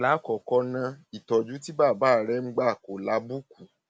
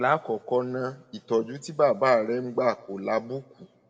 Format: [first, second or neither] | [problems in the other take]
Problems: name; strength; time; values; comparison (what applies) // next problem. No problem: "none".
first | room echo; dies away in 1.6 s